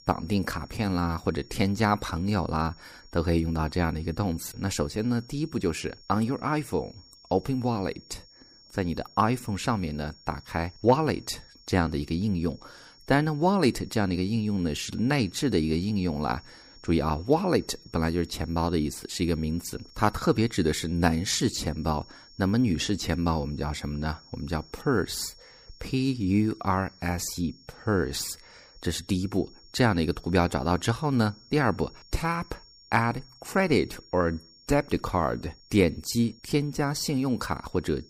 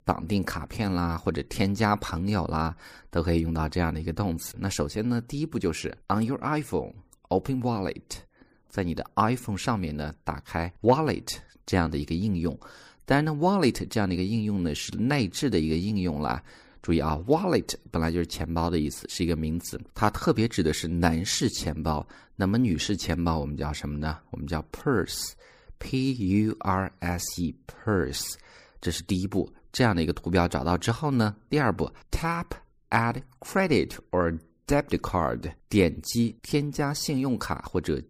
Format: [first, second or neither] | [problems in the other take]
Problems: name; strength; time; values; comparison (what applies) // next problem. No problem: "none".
second | high-pitched whine; faint; throughout; 5.5 kHz, 25 dB below the speech